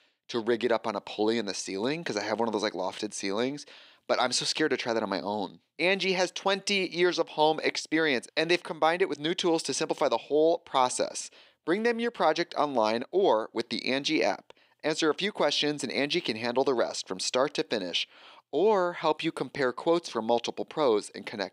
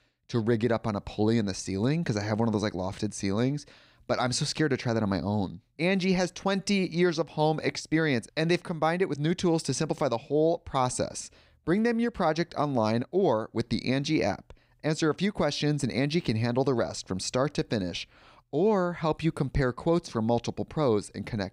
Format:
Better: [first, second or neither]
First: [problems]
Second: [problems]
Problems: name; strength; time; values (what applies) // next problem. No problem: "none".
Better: second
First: thin; somewhat; fading below 400 Hz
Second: none